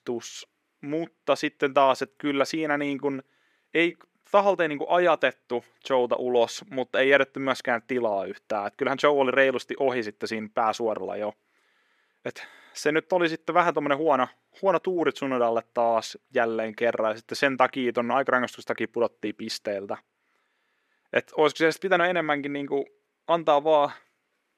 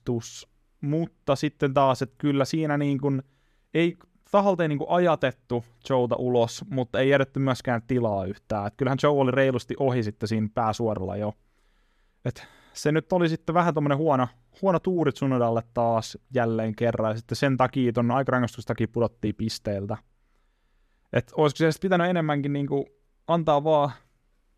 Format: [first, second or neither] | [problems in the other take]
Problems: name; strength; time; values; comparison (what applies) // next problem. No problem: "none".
second | thin; somewhat; fading below 350 Hz